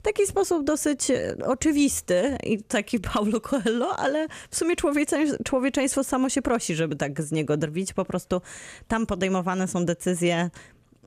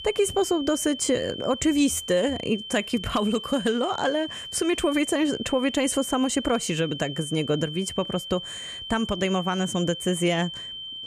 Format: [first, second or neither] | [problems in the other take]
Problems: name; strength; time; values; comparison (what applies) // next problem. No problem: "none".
first | high-pitched whine; loud; throughout; 3 kHz, 9 dB below the speech